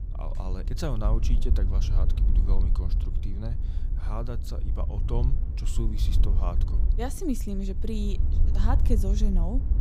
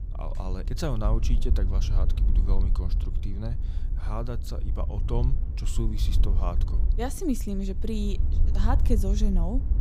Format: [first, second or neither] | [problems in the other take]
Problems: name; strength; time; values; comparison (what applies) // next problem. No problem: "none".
second | wind noise on the microphone; heavy; 8 dB below the speech; occasional gusts in the second